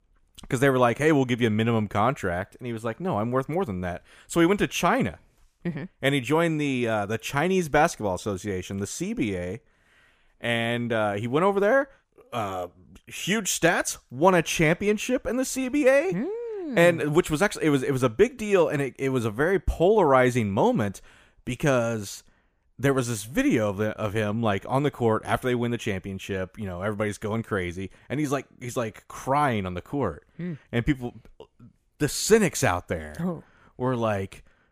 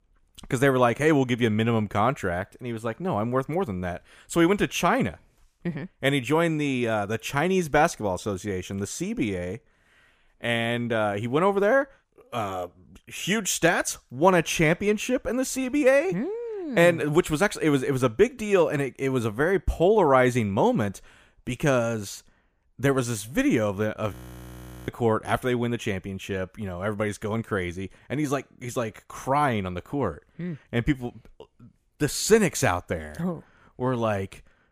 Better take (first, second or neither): first